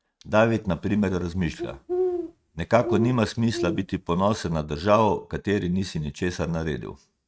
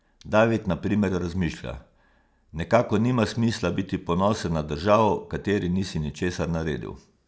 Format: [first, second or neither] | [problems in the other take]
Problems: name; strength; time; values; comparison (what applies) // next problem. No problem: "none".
second | noise reduction (neural mask model RNNoise)